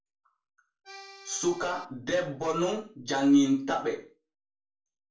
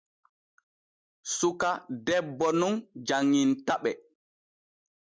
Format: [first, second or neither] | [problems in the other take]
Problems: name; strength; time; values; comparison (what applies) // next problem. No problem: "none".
second | background sound (Accordion); 18 dB below the speech // room echo; dies away in 0.3 s